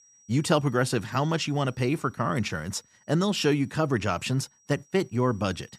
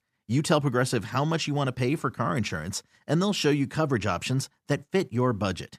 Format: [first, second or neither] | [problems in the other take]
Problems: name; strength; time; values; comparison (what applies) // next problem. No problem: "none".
second | high-pitched whine; faint; throughout; 5.5 kHz, 30 dB below the speech